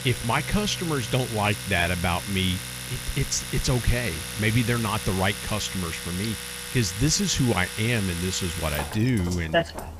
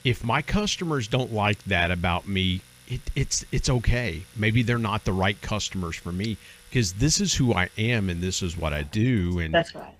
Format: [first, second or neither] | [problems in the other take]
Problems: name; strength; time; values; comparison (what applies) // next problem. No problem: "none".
second | household noises; loud; throughout; 7 dB below the speech; faint in the second